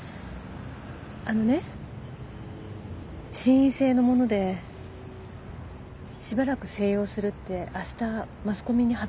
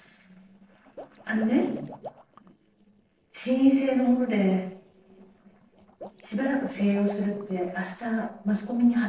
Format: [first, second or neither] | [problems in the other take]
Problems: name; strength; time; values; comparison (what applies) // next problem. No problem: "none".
first | noise reduction (neural separator model SepFormer DNS4)